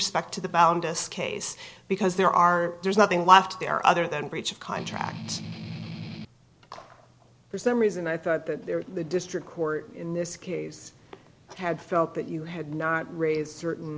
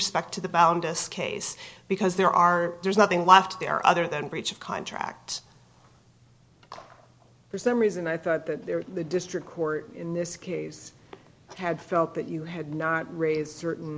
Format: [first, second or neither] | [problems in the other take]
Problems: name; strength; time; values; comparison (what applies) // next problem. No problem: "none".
second | background sound (Strum); 10 dB below the speech